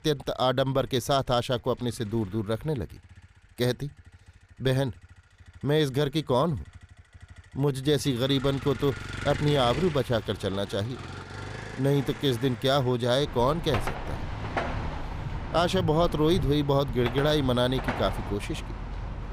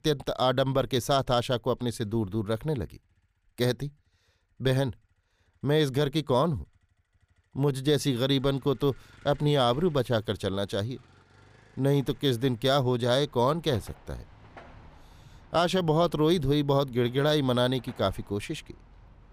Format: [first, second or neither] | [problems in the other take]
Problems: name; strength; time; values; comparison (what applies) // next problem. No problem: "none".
second | traffic noise; loud; throughout; 10 dB below the speech; faint in the second